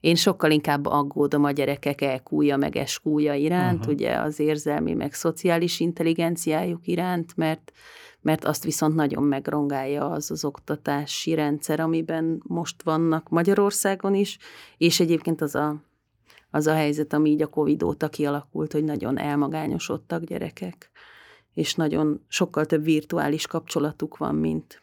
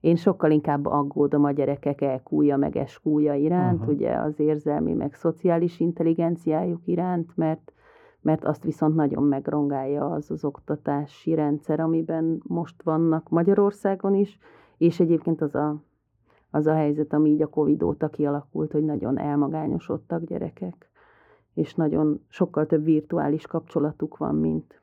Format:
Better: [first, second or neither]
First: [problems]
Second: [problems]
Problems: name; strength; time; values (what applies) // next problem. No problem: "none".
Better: first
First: none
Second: muffled; very; fading above 2 kHz